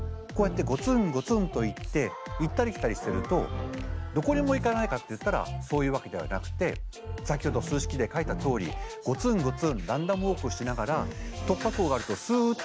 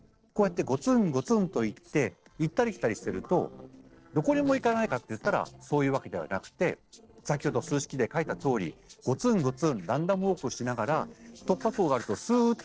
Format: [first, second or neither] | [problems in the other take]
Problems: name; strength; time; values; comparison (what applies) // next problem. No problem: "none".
first | noise reduction (neural separator model SepFormer DNS4)